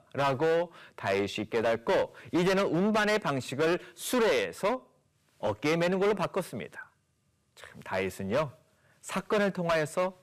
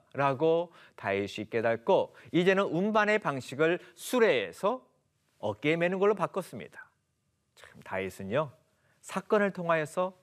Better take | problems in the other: second | distortion; heavy; 11% of the sound clipped

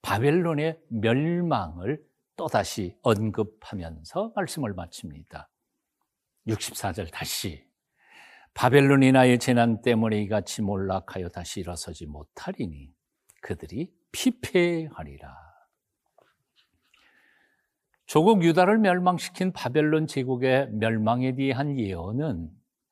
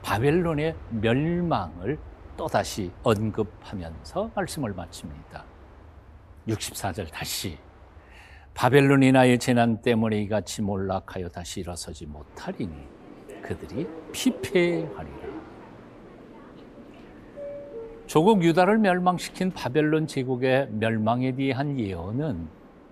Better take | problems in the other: first | train or aircraft noise; noticeable; throughout; 20 dB below the speech

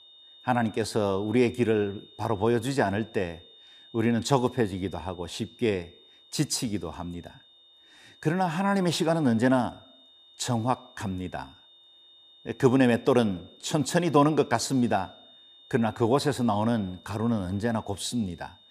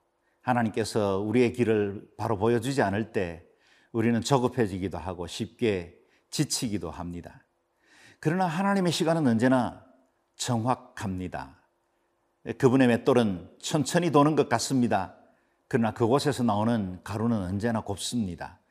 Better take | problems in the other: second | high-pitched whine; faint; throughout; 3.5 kHz, 25 dB below the speech

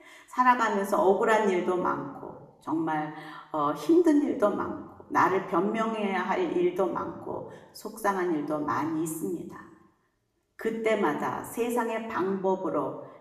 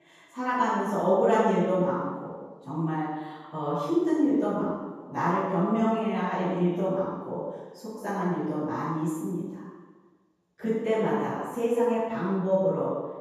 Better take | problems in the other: first | room echo; strong; dies away in 1.2 s; slight in the first // off-mic speech; far; far in the first

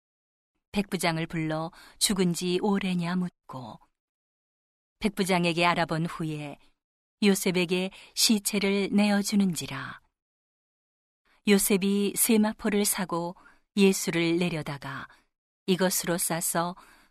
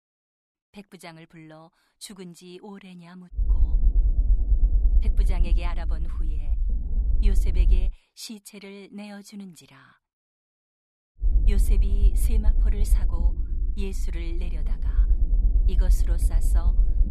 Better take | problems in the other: first | low rumble; loud; from 3.5 to 8 s and from 11 s on; 4 dB below the speech

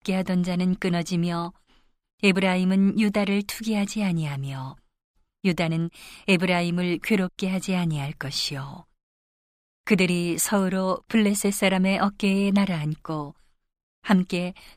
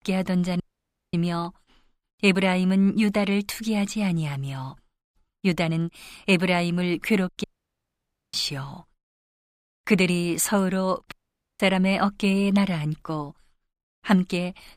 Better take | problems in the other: first | audio cutting out; at 0.5 s for 0.5 s, at 7.5 s for 1 s and at 11 s

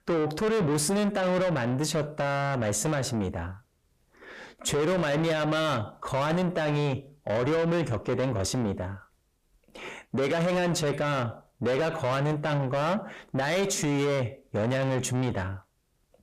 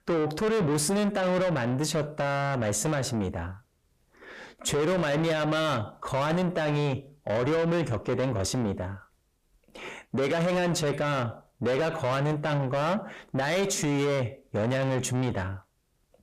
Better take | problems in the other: neither | distortion; heavy; 7 dB below the speech; the same in both

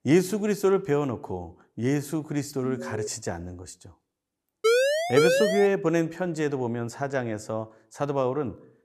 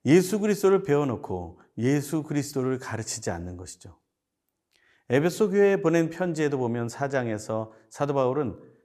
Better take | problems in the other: second | alarm; noticeable; at 2.5 s; peak 7 dB below the speech // siren; loud; from 4.5 to 5.5 s; peak 6 dB above the speech

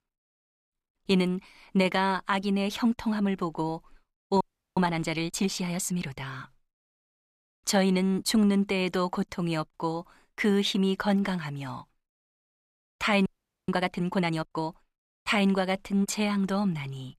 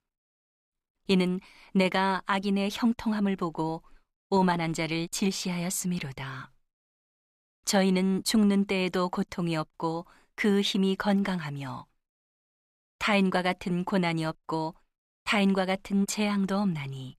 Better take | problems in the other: second | audio freezing; at 4.5 s and at 13 s

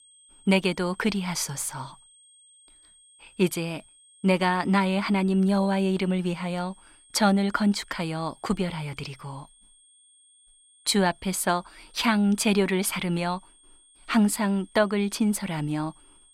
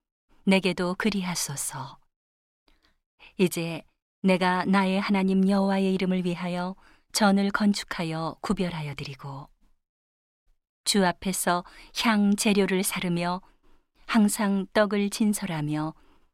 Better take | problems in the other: second | high-pitched whine; faint; throughout; 8.5 kHz, 30 dB below the speech

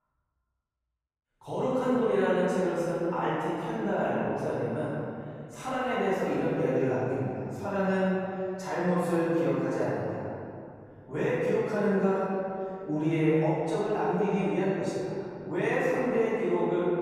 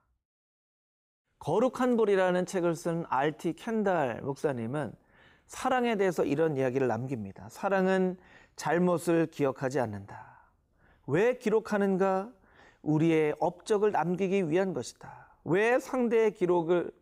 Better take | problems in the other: second | off-mic speech; far // room echo; strong; dies away in 2.3 s

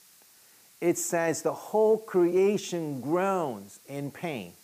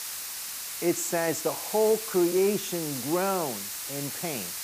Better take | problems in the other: first | hiss; loud; throughout; 5 dB below the speech; faint in the first

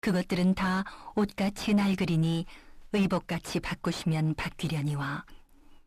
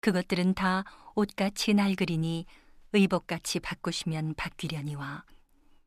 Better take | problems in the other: second | distortion; heavy; 8 dB below the speech

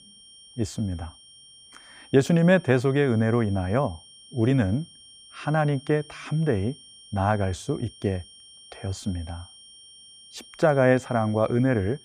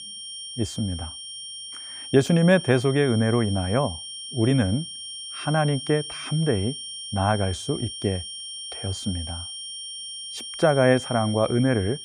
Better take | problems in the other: first | high-pitched whine; loud; throughout; 3 kHz, 10 dB below the speech; faint in the first

